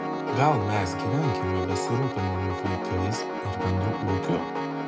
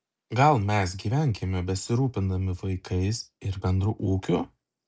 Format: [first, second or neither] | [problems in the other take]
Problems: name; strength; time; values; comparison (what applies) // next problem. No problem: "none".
second | background sound (Piano); 1 dB below the speech